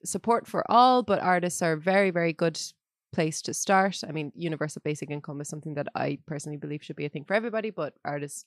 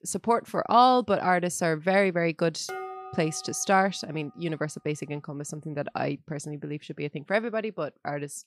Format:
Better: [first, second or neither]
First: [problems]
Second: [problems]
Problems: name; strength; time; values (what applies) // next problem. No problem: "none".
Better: first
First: none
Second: clattering dishes; noticeable; from 2.5 to 4 s; peak 10 dB below the speech